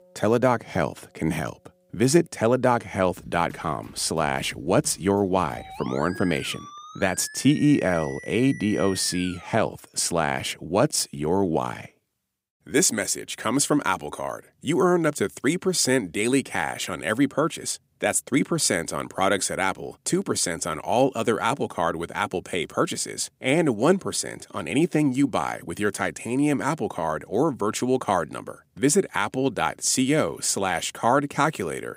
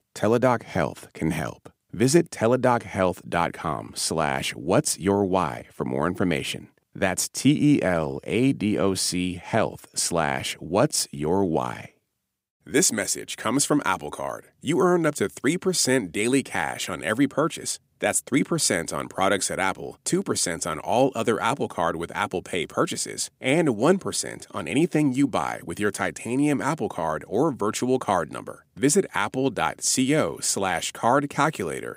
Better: second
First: background music; noticeable; until 9.5 s; 20 dB below the speech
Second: none

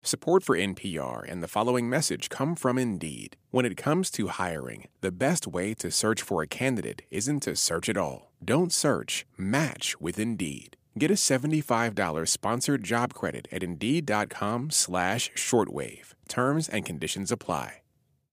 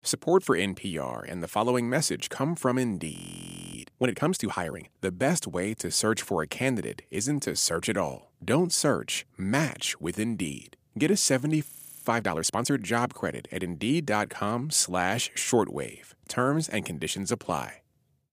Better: first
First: none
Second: audio freezing; at 3 s for 0.5 s and at 12 s

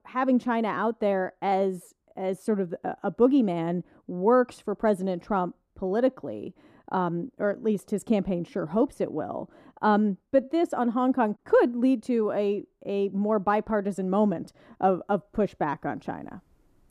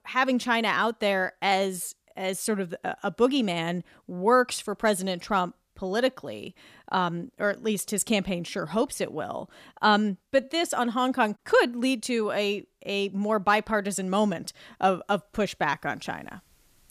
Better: second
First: muffled; very; fading above 1.5 kHz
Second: none

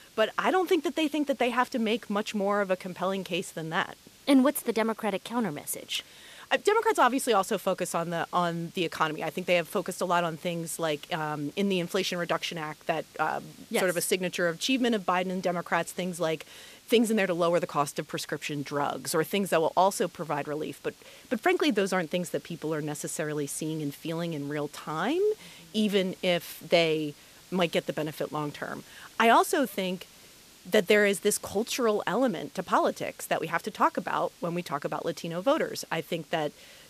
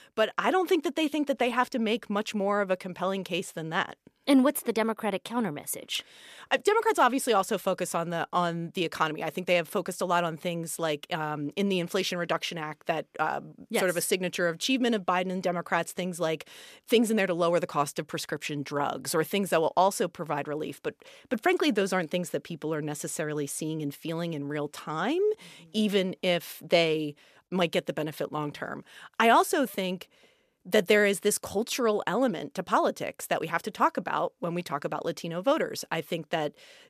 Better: second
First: hiss; faint; throughout; 25 dB below the speech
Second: none

